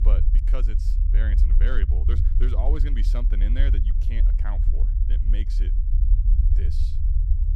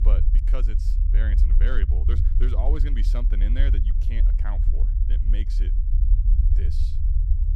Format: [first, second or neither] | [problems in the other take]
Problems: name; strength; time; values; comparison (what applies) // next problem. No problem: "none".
neither | low rumble; loud; throughout; 5 dB below the speech; the same in both